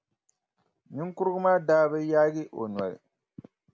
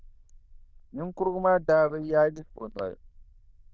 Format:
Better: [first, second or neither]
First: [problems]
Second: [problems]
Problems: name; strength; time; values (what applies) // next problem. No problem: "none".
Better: first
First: none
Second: noise reduction (neural diffusion model UNIVERSE++)